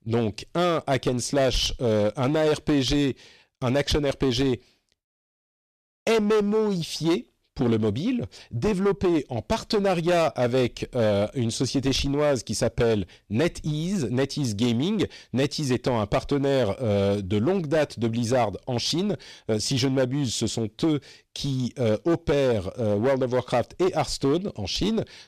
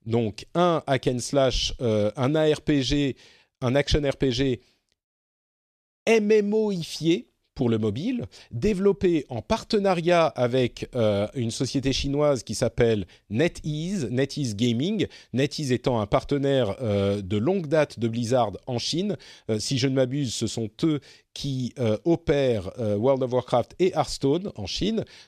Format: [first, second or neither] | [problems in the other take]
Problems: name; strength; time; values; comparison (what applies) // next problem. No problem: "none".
second | distortion; slight; 11% of the sound clipped